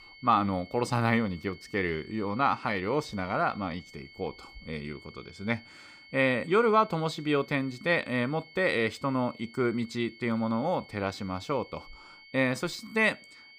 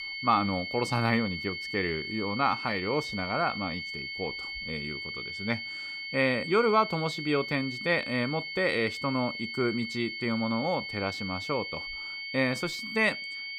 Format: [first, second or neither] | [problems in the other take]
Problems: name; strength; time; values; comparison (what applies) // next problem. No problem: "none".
first | high-pitched whine; loud; throughout; 2 kHz, 5 dB below the speech; faint in the first